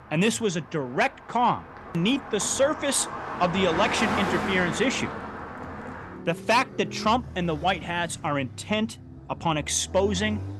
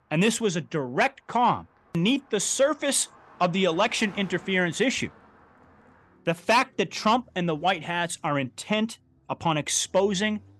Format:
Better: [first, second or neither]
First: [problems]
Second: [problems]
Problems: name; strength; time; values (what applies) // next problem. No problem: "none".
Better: second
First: traffic noise; loud; throughout; 8 dB below the speech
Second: traffic noise; faint; throughout; 25 dB below the speech